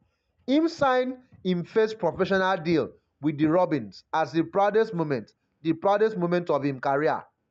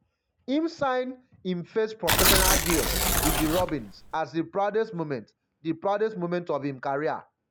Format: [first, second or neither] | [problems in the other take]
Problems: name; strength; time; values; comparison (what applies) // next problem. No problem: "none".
first | background sound (Tearing); 5 dB above the speech